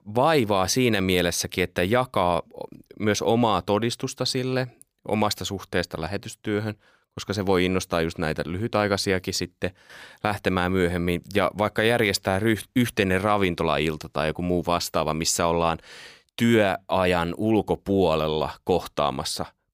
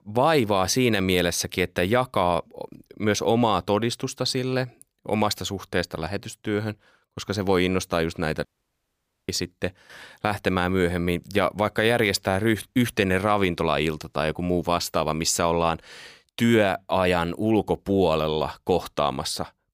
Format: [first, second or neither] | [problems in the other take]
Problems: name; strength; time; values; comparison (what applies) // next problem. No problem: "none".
first | audio cutting out; at 8.5 s for 1 s